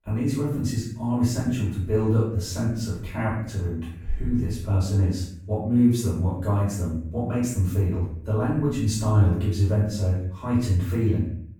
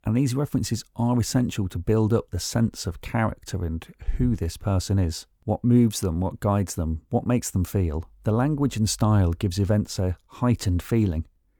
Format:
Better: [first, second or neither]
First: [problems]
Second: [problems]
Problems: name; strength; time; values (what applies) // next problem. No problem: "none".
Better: second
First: off-mic speech; far // room echo; noticeable; dies away in 0.6 s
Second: none